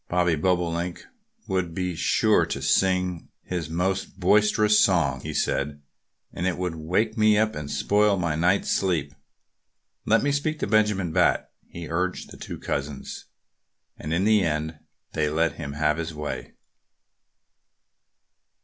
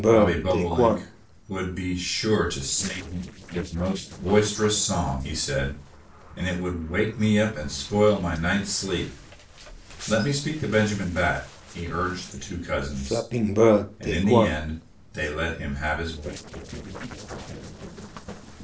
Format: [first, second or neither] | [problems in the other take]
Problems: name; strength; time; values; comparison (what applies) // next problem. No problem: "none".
first | noise reduction (neural separator model SepFormer DNS4)